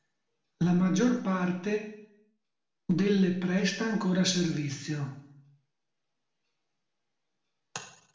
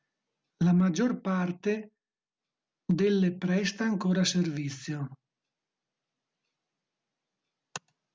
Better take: second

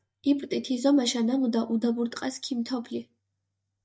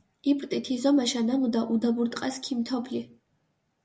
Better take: second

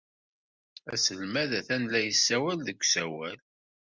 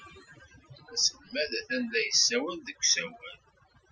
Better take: first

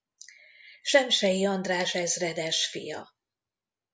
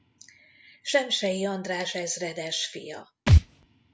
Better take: first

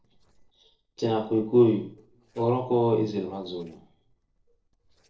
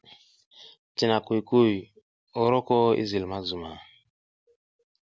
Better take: second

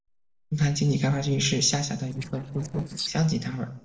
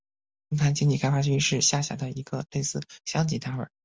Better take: second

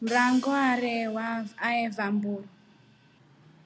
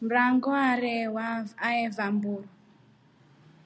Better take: second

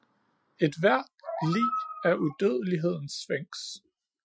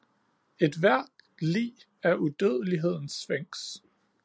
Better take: second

